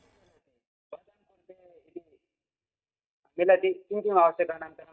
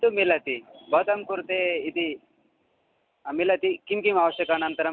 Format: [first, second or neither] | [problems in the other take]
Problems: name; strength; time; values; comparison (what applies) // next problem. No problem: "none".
second | noise reduction (neural mask model DeepFilterNet 3)